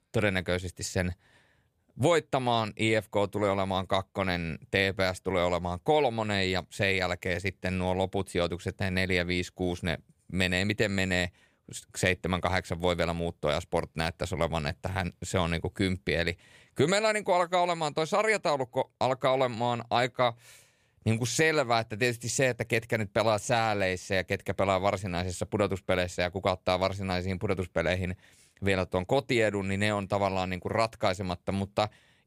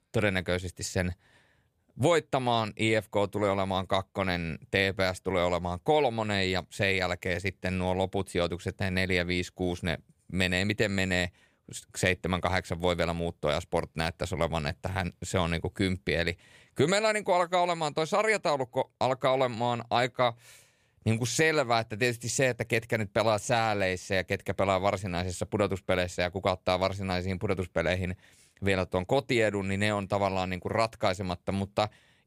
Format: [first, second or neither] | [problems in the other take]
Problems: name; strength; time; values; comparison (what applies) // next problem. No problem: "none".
neither | none